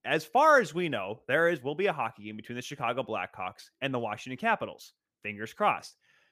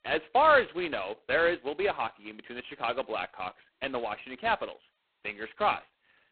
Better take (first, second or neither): first